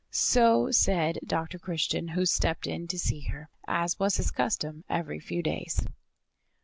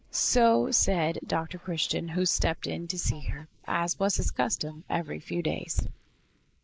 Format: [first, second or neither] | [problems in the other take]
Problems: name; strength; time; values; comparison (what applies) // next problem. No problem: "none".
first | noise reduction (neural mask model Resemble Enhance denoiser)